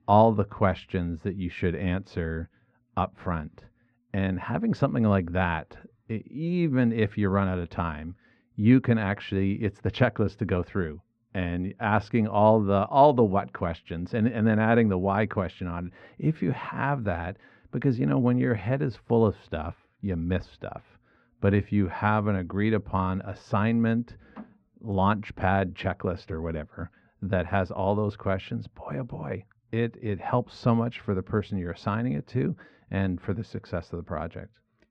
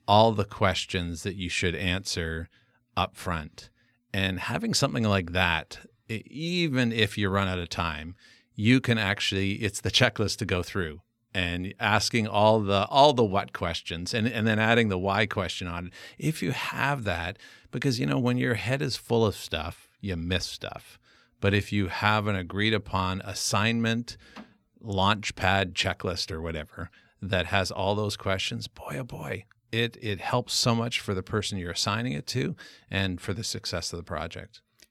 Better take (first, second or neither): second